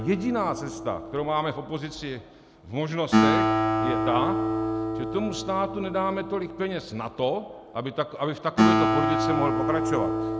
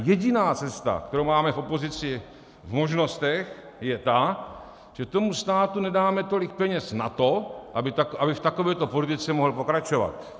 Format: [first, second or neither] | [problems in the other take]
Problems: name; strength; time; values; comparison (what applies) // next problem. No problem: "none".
second | background sound (Acoustic guitar); 2 dB above the speech